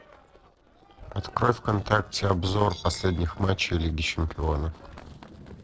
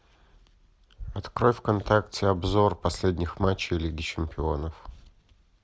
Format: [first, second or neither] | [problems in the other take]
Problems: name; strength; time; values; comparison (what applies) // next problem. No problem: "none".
second | noise reduction (neural separator model SepFormer DNS4)